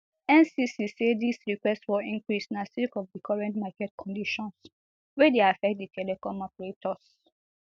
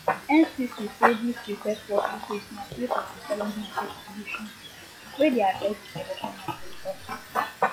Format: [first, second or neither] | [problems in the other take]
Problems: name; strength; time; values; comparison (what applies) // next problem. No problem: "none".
first | noise reduction (classical method log-MMSE)